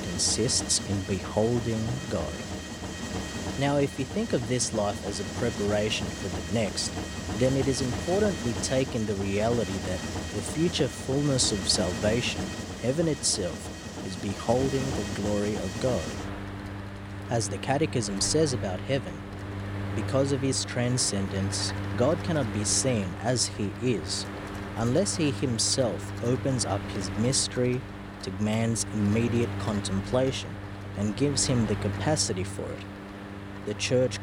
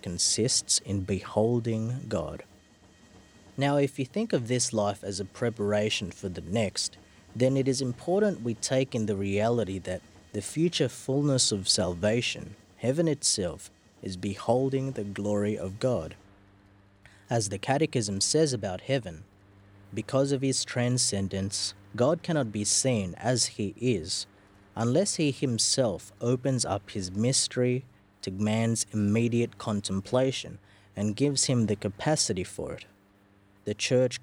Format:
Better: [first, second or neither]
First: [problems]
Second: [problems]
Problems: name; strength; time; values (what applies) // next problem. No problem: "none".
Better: second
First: machinery noise; loud; throughout; 7 dB below the speech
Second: machinery noise; faint; throughout; 30 dB below the speech